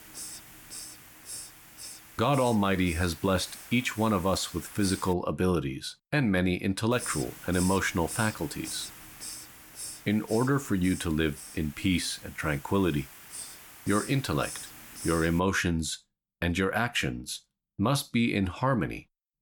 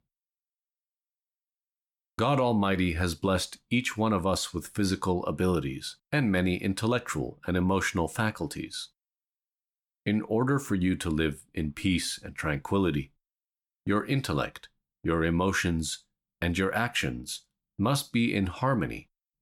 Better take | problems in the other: second | hiss; noticeable; until 5 s and from 7 to 15 s; 10 dB below the speech

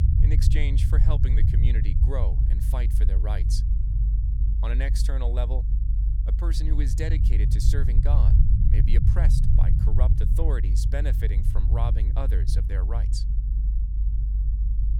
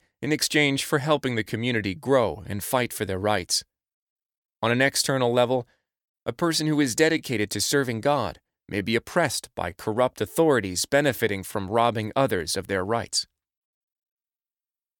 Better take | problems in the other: second | low rumble; loud; throughout; 3 dB below the speech

